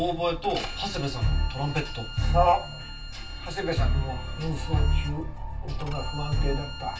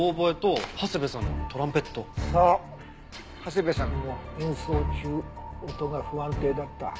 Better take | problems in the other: second | background sound (Bowed string instrument); 17 dB below the speech // room echo; dies away in 0.2 s

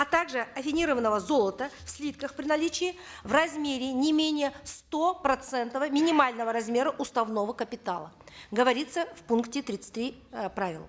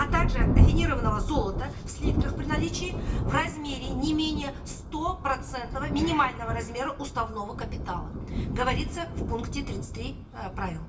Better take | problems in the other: first | background sound (Thunder); 3 dB above the speech // room echo; dies away in 0.1 s

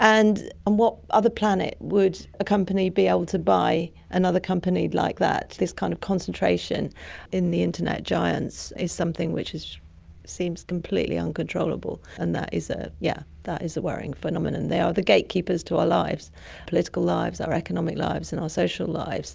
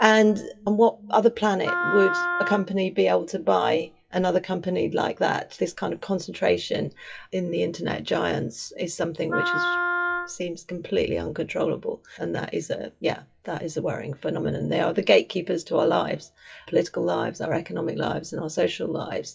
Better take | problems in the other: first | noise reduction (classical method WPE with log-MMSE)

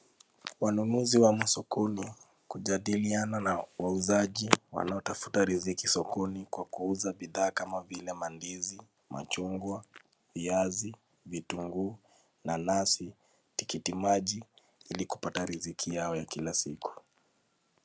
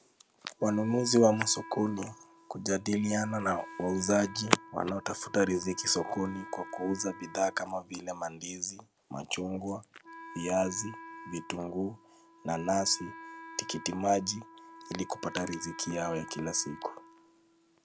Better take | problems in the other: first | background sound (Wind instrument, woodwind instrument); 16 dB below the speech

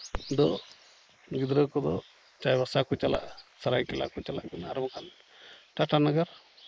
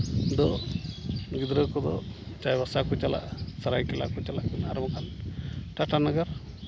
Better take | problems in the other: second | noise reduction (neural mask model Resemble Enhance denoiser)

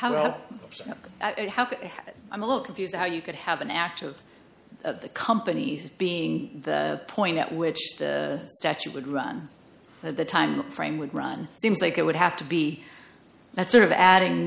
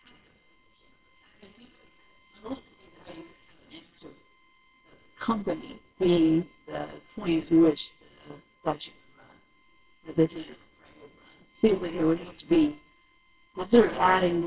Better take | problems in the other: first | noise reduction (neural separator model SepFormer WHAMR!)

